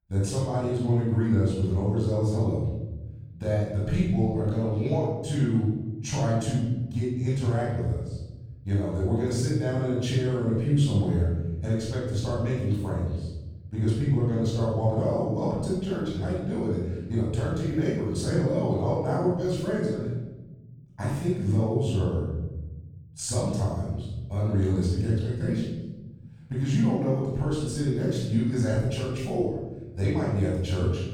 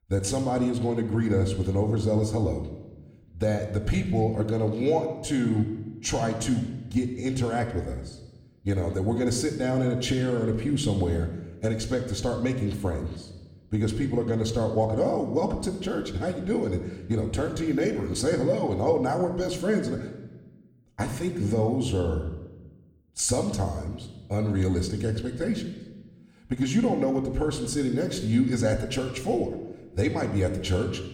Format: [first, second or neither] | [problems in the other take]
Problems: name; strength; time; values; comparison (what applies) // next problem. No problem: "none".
second | room echo; strong; dies away in 1.6 s; slight in the second // off-mic speech; far; somewhat distant in the second